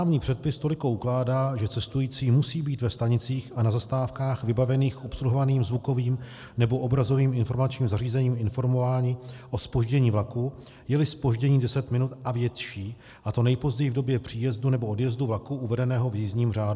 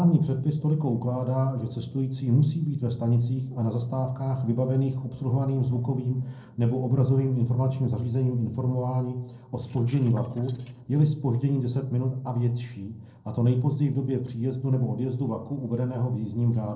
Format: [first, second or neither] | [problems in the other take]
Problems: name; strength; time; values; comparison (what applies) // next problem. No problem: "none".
first | noise reduction (neural separator model SepFormer DNS4)